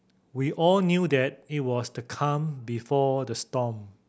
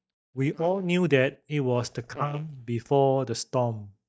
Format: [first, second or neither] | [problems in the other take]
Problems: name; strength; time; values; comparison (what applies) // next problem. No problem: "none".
first | noise reduction (neural mask model DeepFilterNet 3)